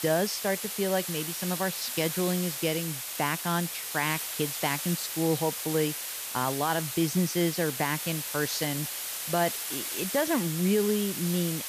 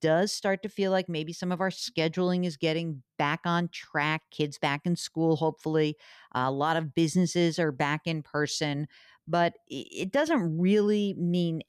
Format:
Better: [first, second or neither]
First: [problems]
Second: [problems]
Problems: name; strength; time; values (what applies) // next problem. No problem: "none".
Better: second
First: hiss; loud; throughout; 3 dB below the speech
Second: none